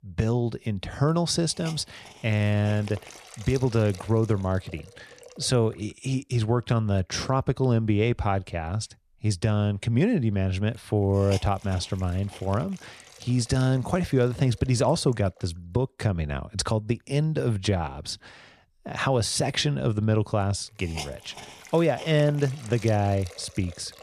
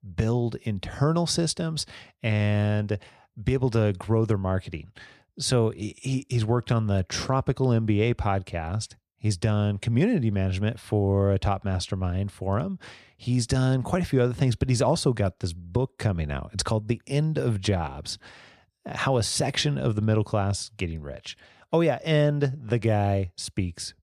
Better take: second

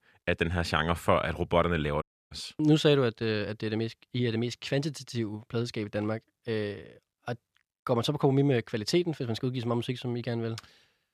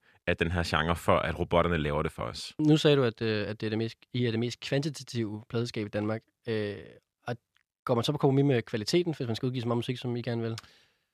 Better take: second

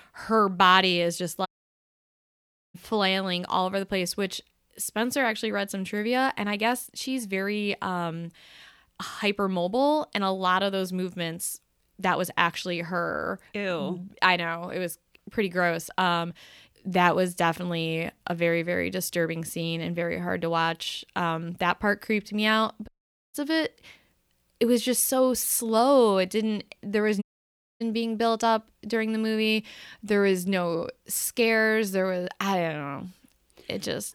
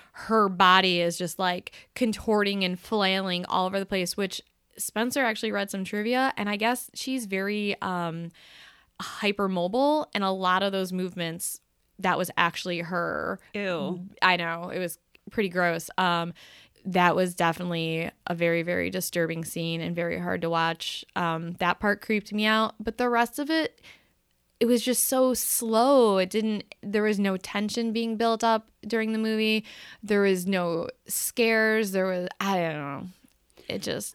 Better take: second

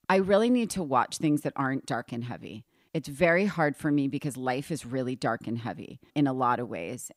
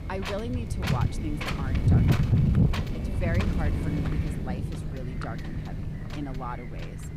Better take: first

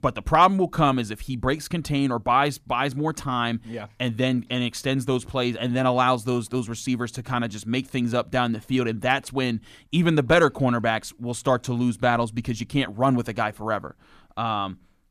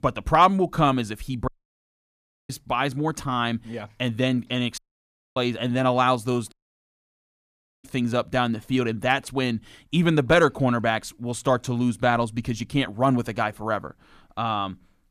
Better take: first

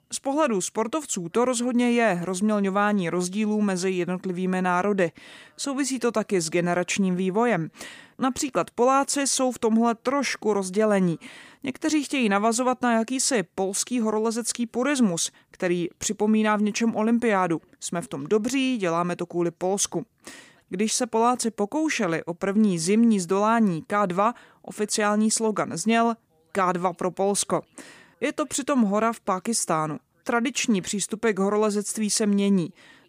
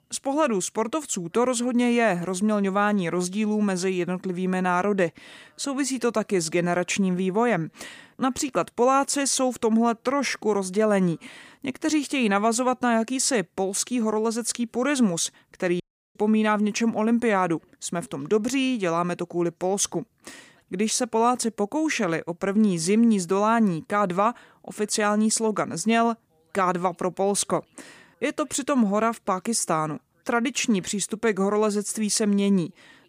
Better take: first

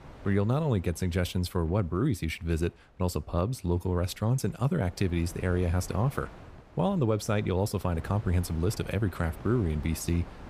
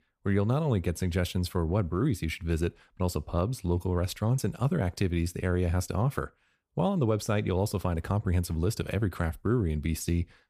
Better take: second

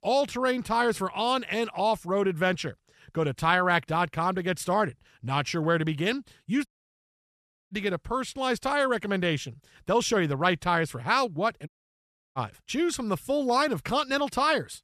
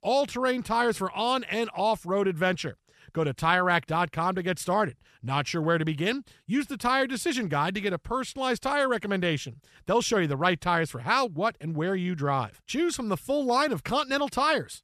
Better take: second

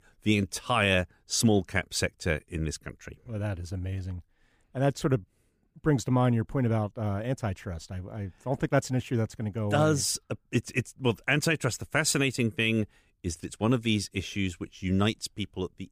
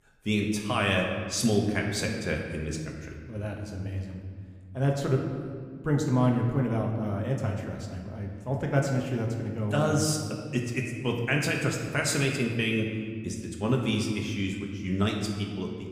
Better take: first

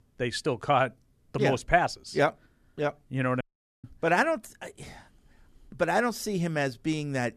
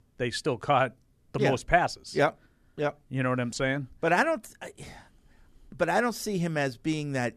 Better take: second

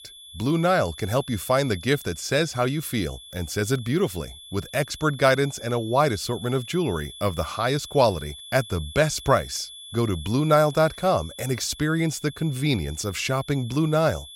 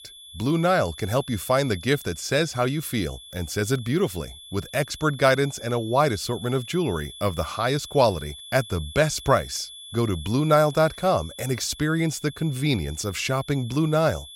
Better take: neither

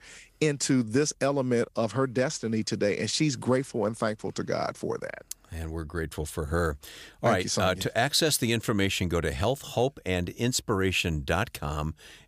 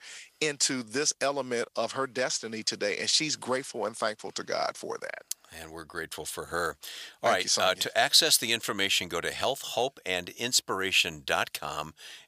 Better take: first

